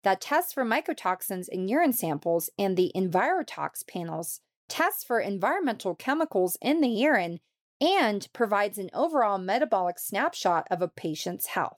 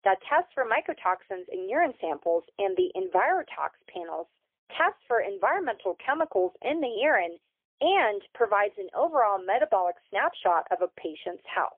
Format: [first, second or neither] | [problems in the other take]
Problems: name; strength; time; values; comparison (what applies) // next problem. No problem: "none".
first | phone-call audio; poor line; nothing above 3.5 kHz